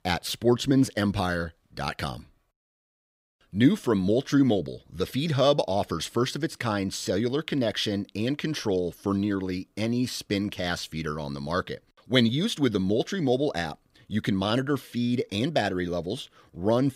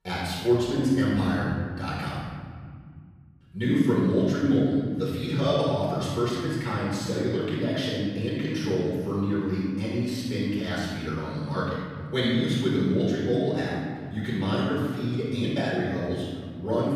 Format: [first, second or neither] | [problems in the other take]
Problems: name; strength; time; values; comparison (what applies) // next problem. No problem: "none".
first | room echo; strong; dies away in 2.4 s // off-mic speech; far